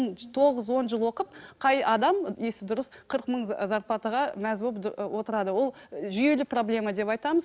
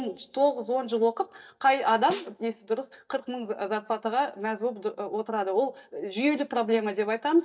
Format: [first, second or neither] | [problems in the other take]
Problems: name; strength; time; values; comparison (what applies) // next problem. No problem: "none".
first | noise reduction (neural mask model DeepFilterNet 3)